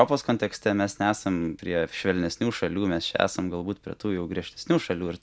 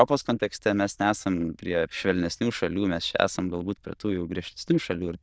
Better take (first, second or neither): first